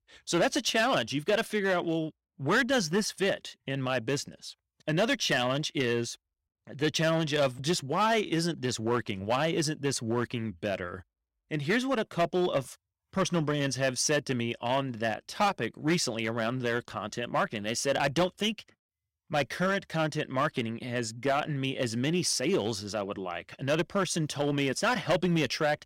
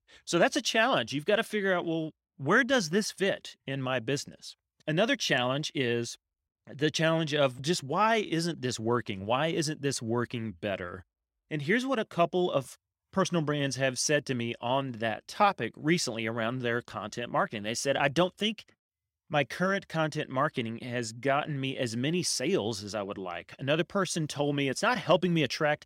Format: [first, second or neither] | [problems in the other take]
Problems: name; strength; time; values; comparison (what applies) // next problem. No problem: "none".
second | distortion; slight; 4% of the sound clipped